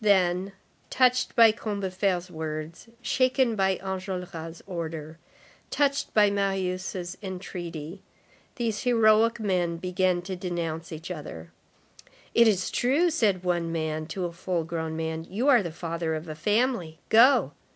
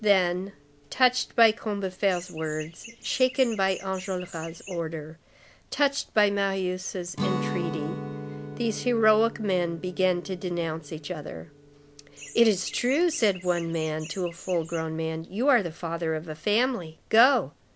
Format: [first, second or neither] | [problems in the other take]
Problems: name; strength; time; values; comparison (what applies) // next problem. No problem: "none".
first | background sound (Guitar + Chirp, tweet); 13 dB below the speech